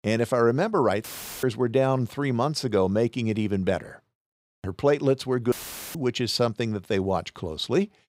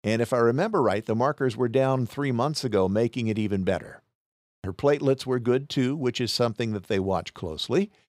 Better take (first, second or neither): second